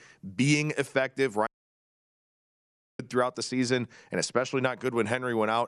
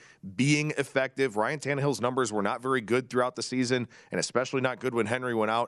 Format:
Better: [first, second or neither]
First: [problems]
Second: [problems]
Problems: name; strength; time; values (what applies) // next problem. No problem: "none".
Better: second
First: audio cutting out; at 1.5 s for 1.5 s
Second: none